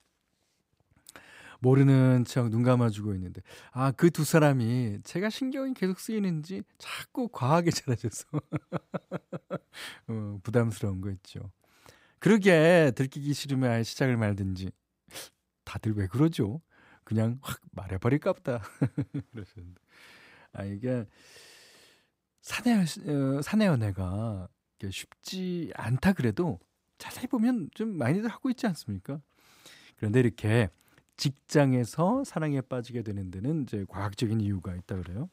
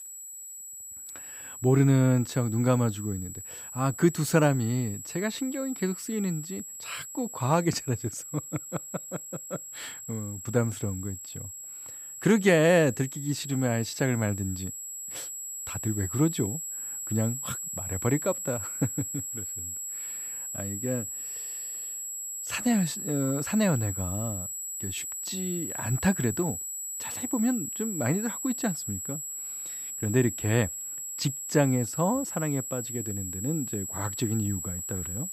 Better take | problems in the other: first | high-pitched whine; loud; throughout; 7.5 kHz, 6 dB below the speech

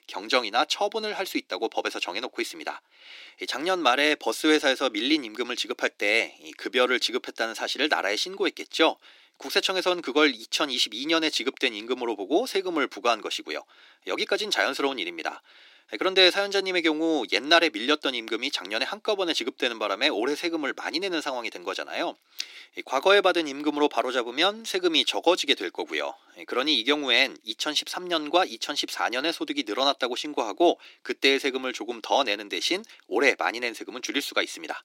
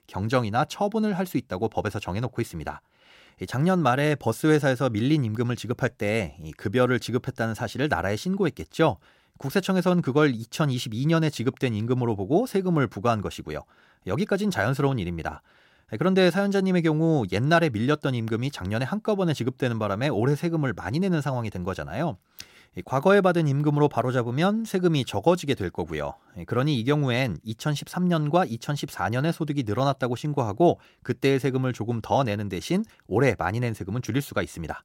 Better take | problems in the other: second | thin; somewhat; fading below 300 Hz

